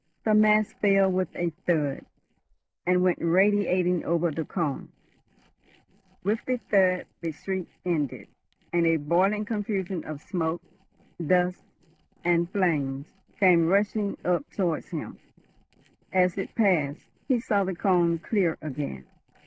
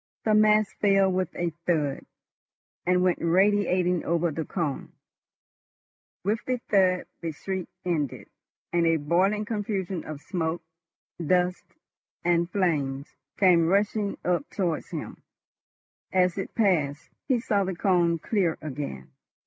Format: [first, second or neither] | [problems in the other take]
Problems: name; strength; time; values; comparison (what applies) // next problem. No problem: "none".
second | noise reduction (neural separator model SepFormer DNS4)